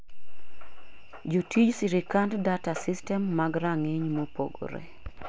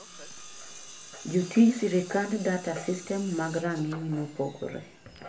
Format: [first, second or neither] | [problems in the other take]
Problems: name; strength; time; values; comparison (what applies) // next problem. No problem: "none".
first | background sound (Tools); 18 dB below the speech // room echo; dies away in 0.3 s